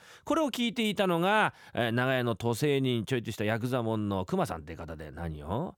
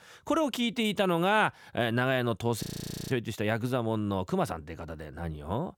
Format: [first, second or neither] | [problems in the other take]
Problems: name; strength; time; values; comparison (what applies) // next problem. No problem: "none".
first | audio freezing; at 2.5 s